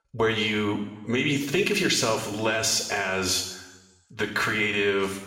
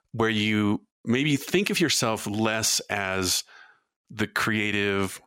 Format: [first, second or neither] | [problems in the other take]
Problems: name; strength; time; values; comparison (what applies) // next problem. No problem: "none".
second | room echo; noticeable; dies away in 0.9 s // off-mic speech; somewhat distant